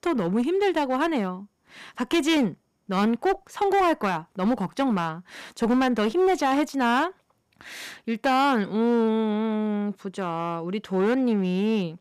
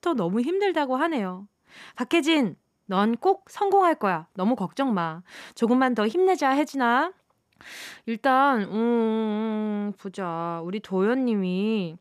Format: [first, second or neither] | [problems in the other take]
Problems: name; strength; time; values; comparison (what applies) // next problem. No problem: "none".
second | distortion; slight; 7% of the sound clipped